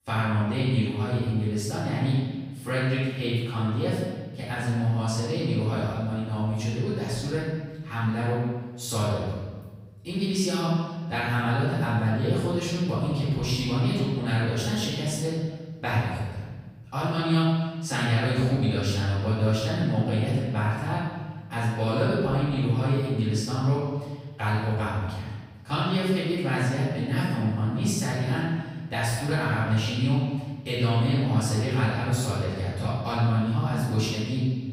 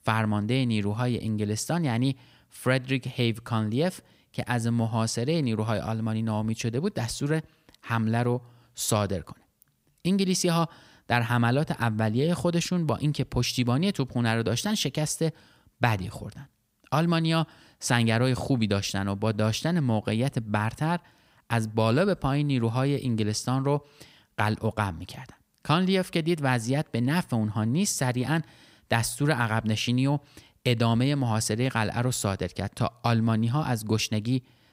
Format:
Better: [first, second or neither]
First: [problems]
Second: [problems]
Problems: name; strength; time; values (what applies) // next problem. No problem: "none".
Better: second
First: room echo; strong; dies away in 1.3 s // off-mic speech; far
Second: none